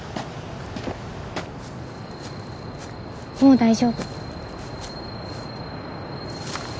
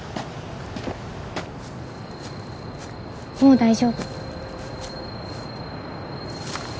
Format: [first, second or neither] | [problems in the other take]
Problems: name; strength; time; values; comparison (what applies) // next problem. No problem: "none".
first | background sound (Keyboard (musical)); 18 dB below the speech